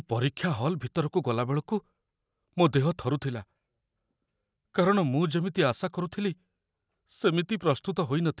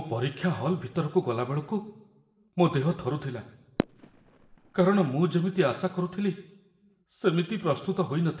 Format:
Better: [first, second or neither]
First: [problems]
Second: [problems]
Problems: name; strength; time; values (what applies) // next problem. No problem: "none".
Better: first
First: none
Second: background sound (Fireworks); 9 dB below the speech // room echo; dies away in 0.8 s